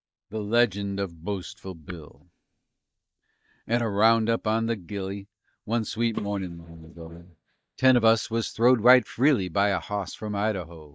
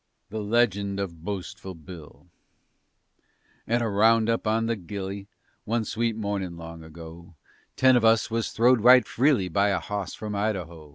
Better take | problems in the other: second | noise reduction (neural mask model DeepFilterNet 3)

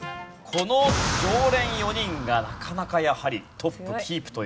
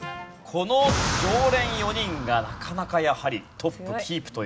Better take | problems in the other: second | background sound (Dishes, pots, and pans / Glass); 19 dB below the speech

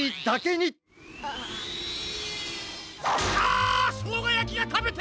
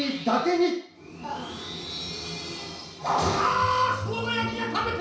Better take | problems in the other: first | room echo; dies away in 0.6 s

